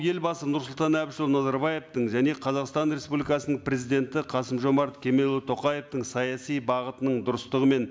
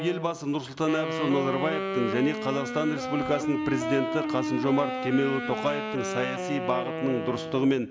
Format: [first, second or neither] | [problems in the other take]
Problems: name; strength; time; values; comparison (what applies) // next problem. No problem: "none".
first | background sound (Wind instrument, woodwind instrument); 4 dB below the speech